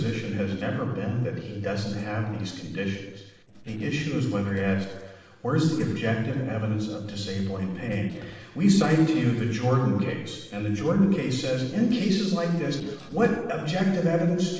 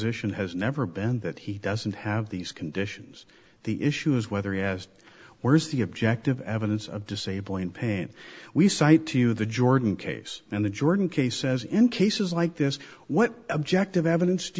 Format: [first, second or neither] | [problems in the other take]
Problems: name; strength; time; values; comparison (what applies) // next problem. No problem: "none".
second | noise reduction (neural separator model SepFormer DNS4)